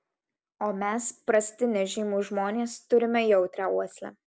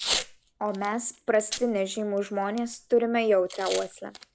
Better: first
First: none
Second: background sound (Packing tape, duct tape / Tearing); 10 dB below the speech

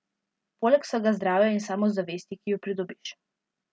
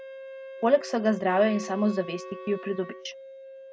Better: first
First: none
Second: background sound (Wind instrument, woodwind instrument + Wind instrument, woodwind instrument); 13 dB below the speech

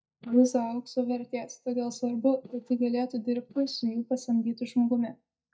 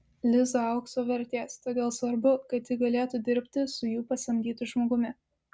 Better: second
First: noise reduction (neural mask model DeepFilterNet 3)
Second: none

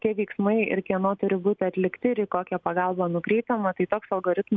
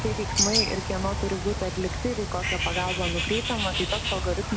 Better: first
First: none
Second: background sound (Bird); 1 dB above the speech

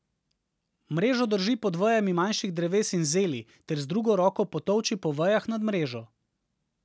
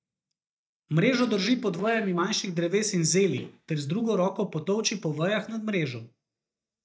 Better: first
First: none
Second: noise reduction (neural mask model DeepFilterNet 3)

